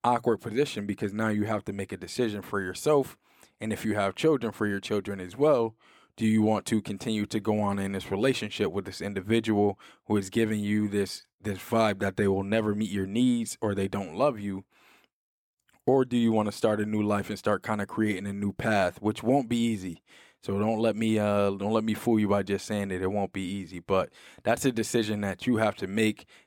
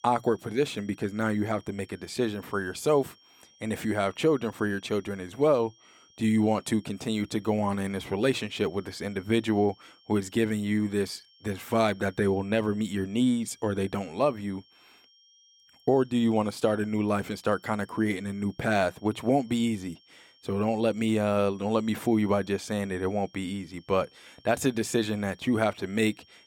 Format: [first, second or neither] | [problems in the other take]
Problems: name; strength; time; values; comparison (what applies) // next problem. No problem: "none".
first | high-pitched whine; faint; throughout; 3 kHz, 30 dB below the speech